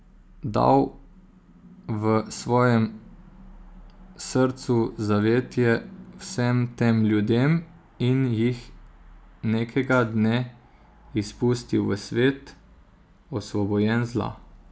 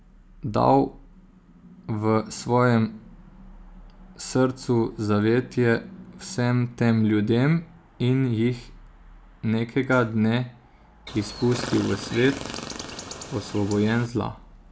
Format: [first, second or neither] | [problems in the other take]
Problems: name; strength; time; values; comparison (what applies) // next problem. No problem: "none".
first | background sound (Chirp, tweet); 11 dB below the speech